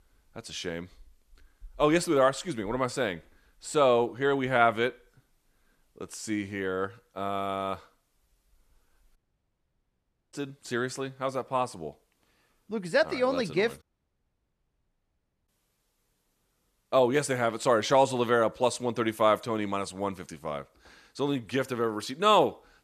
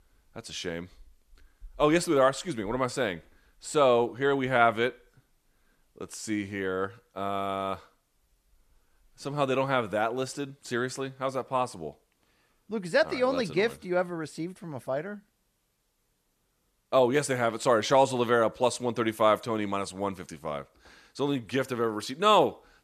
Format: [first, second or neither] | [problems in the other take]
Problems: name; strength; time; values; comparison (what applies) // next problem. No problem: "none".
second | audio cutting out; at 9 s for 1 s and at 14 s for 1.5 s